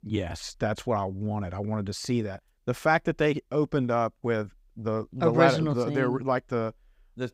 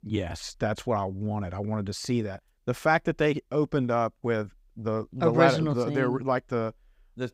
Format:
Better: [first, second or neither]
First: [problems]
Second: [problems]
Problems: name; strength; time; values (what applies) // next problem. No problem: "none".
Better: neither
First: none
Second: none